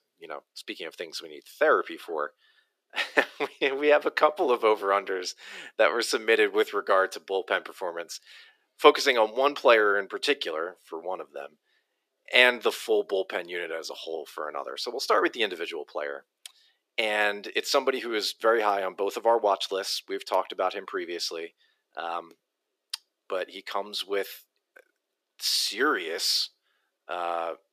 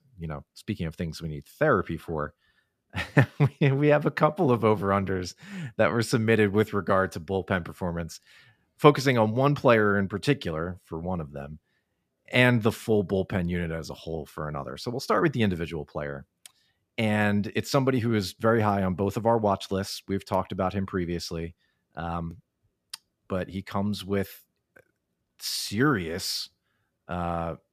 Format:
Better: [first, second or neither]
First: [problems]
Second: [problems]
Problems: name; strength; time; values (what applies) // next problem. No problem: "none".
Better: second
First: thin; very; fading below 350 Hz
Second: none